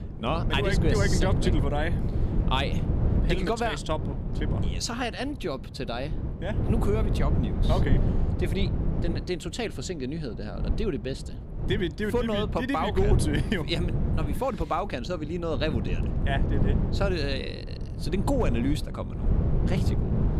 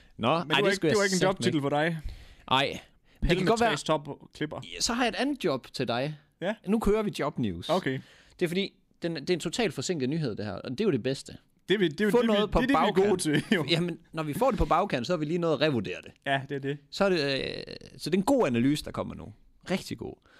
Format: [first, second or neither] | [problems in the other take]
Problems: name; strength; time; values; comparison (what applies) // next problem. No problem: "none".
second | wind noise on the microphone; heavy; 7 dB below the speech